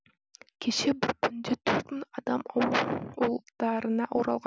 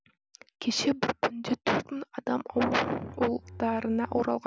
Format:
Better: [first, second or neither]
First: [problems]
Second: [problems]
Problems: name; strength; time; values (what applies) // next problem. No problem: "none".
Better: first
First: none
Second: background sound (Bowed string instrument); 17 dB below the speech